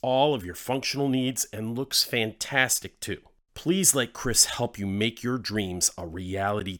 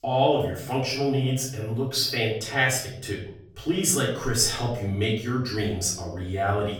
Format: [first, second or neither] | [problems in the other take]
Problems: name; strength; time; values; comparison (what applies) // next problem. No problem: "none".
first | off-mic speech; far // room echo; noticeable; dies away in 0.7 s